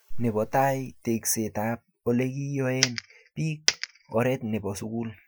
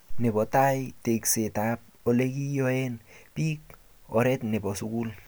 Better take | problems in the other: second | noise reduction (classical method Wiener filter)

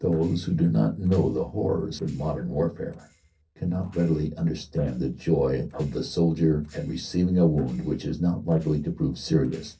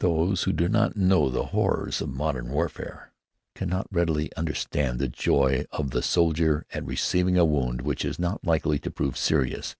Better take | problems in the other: second | noise reduction (neural separator model SepFormer DNS4)

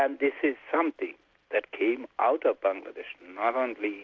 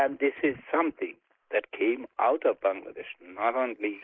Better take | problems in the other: first | noise reduction (neural mask model Resemble Enhance denoiser)

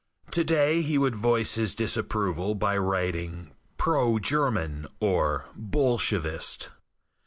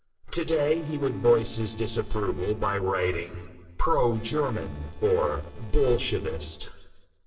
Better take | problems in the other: first | noise reduction (neural separator model SepFormer DNS4)

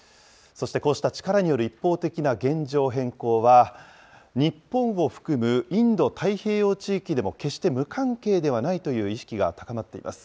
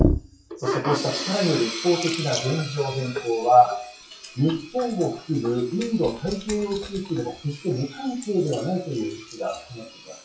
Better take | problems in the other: first | noise reduction (classical method WPE with log-MMSE)

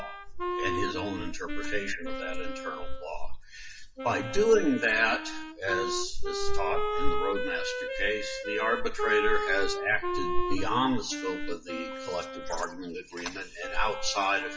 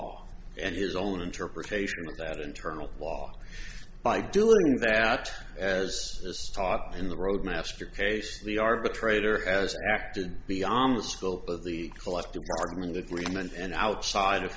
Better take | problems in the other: second | noise reduction (classical method WPE with log-MMSE)

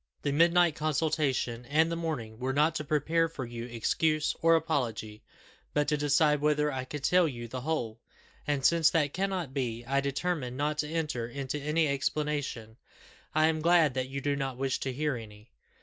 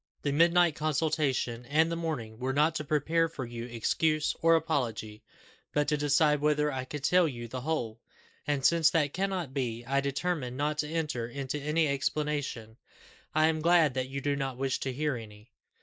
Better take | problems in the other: first | noise reduction (neural mask model Resemble Enhance denoiser)

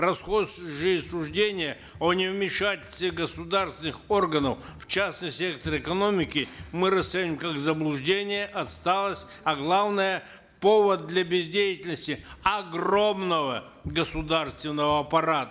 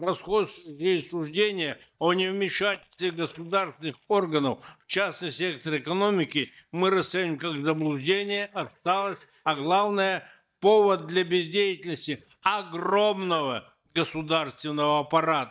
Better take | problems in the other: first | noise reduction (neural mask model DeepFilterNet 3)

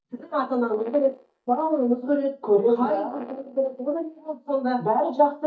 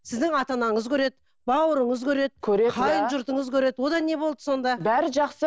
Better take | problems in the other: second | noise reduction (neural mask model DeepFilterNet 3)

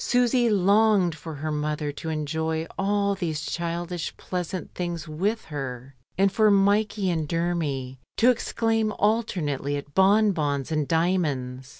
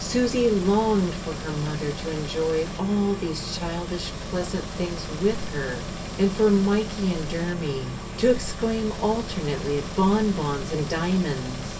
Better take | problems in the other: first | background sound (Engine); 8 dB below the speech // room echo; dies away in 0.2 s

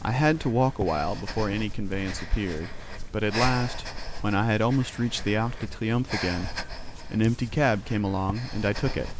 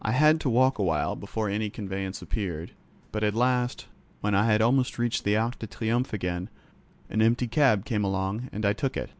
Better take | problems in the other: second | background sound (Breathing); 7 dB below the speech

